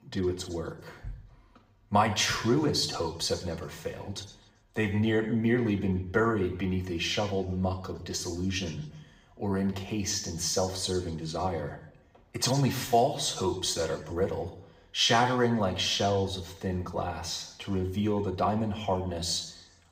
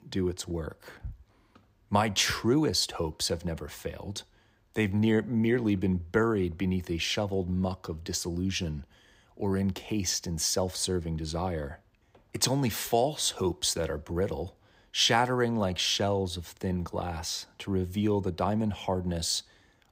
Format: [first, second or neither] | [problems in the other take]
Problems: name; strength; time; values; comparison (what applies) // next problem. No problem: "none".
second | room echo; slight; dies away in 0.7 s // off-mic speech; somewhat distant